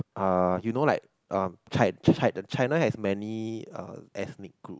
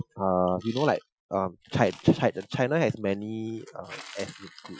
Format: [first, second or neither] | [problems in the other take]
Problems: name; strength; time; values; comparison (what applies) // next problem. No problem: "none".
first | noise reduction (classical method Wiener filter)